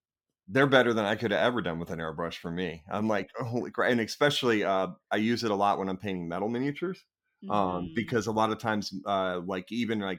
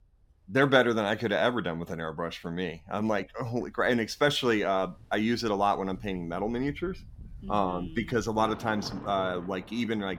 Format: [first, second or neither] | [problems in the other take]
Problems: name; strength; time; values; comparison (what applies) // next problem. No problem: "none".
first | rain or running water; noticeable; throughout; 20 dB below the speech